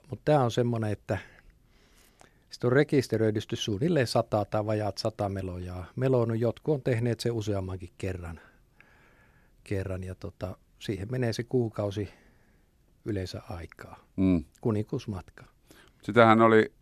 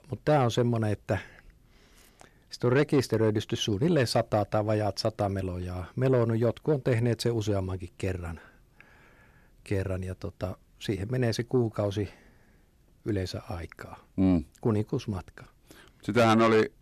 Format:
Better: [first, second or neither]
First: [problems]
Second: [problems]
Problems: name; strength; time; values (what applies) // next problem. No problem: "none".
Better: first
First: none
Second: distortion; slight; 10 dB below the speech